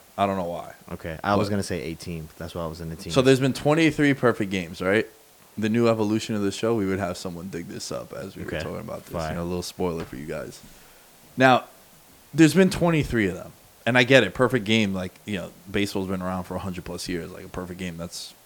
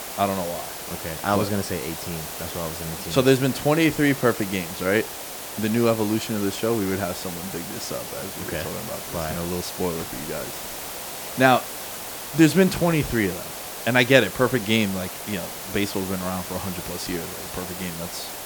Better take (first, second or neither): first